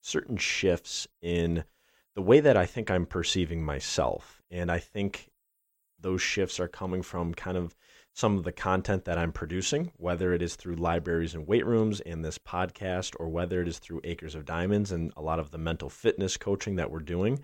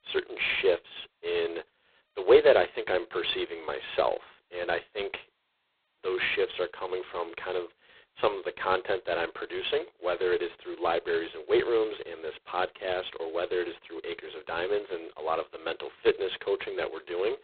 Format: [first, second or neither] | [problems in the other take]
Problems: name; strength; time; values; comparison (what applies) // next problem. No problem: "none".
first | phone-call audio; poor line; nothing above 4 kHz